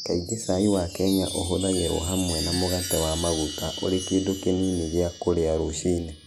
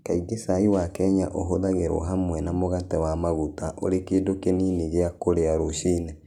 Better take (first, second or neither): second